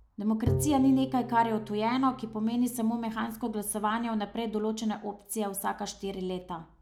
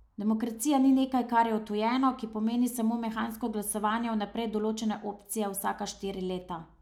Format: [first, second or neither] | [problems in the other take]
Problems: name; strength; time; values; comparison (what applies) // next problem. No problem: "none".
second | background sound (Bowed string instrument); 8 dB below the speech